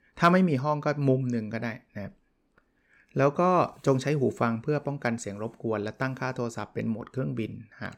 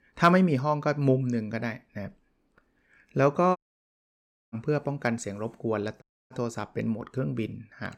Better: first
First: none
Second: audio cutting out; at 3.5 s for 1 s and at 6 s

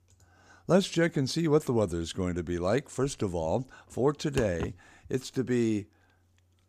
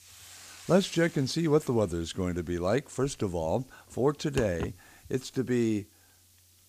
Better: first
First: none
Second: hiss; faint; throughout; 25 dB below the speech

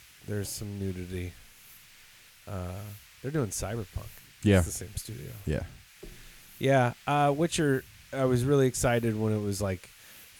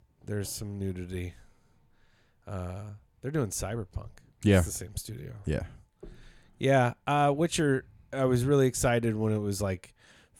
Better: second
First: hiss; faint; throughout; 20 dB below the speech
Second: none

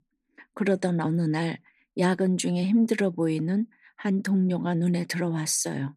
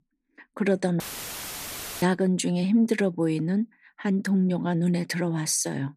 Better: first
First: none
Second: audio cutting out; filled with static; at 1 s for 1 s

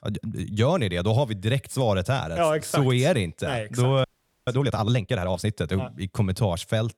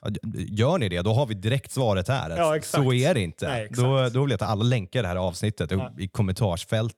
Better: second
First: audio freezing; at 4 s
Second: none

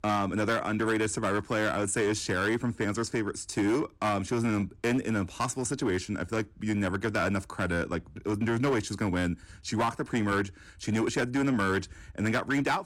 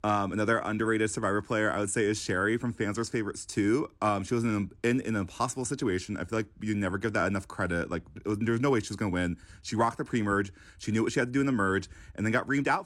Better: second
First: distortion; slight; 9% of the sound clipped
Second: none

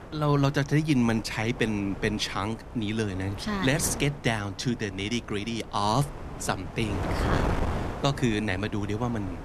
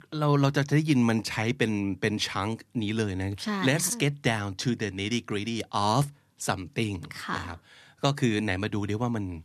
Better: second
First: wind noise on the microphone; heavy; 9 dB below the speech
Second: none

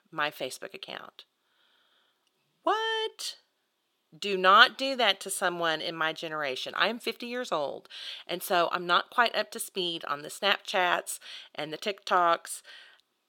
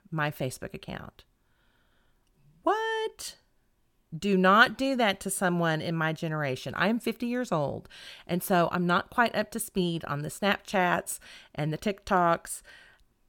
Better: second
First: thin; somewhat; fading below 400 Hz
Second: none

